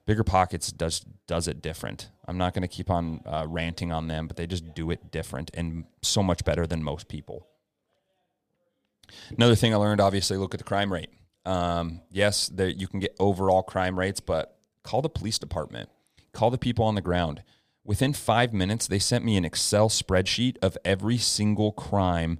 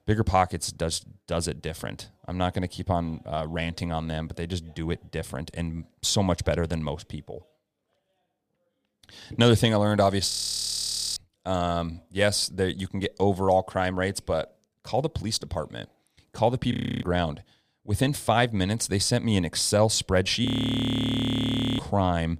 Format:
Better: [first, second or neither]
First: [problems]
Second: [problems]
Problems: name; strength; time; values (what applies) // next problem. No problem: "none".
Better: first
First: none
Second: audio freezing; at 10 s for 1 s, at 17 s and at 20 s for 1.5 s